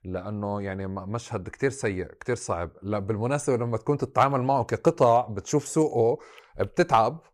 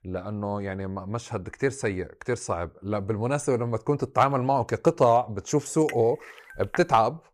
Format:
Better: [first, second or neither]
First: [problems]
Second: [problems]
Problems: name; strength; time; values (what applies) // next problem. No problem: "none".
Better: first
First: none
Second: clattering dishes; faint; at 6 s; peak 10 dB below the speech